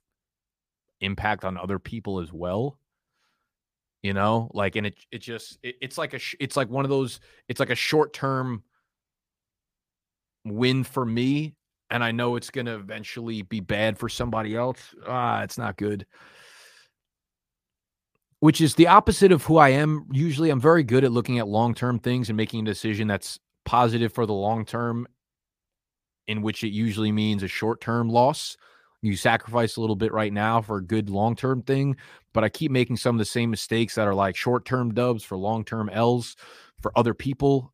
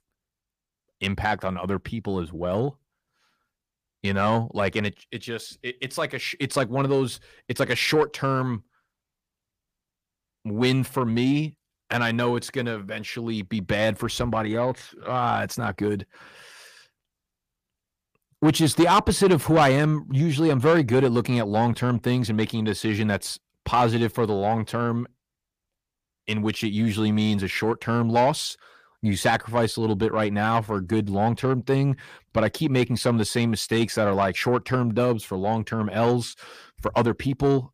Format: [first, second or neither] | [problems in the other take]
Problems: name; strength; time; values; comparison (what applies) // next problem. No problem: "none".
first | distortion; slight; 10 dB below the speech